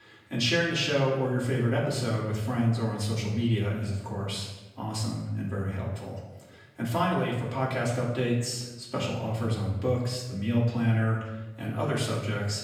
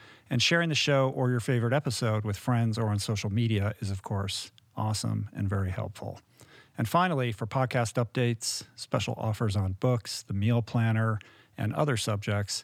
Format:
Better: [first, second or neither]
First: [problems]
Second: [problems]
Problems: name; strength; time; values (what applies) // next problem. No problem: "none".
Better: second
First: off-mic speech; far // room echo; noticeable; dies away in 0.9 s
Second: none